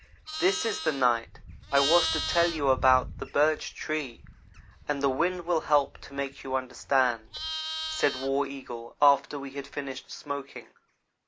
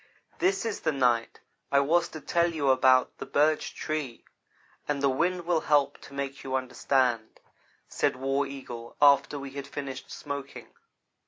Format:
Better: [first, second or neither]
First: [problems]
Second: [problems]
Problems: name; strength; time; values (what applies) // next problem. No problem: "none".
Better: second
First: background sound (Livestock, farm animals, working animals); 10 dB below the speech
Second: none